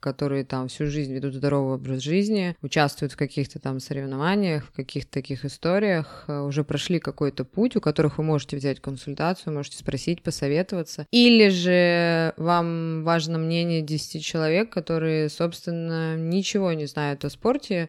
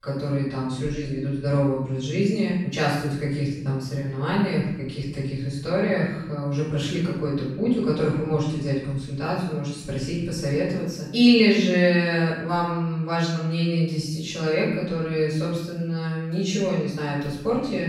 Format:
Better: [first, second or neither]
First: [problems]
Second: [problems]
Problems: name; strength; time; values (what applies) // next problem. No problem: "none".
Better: first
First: none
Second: off-mic speech; far // room echo; noticeable; dies away in 0.8 s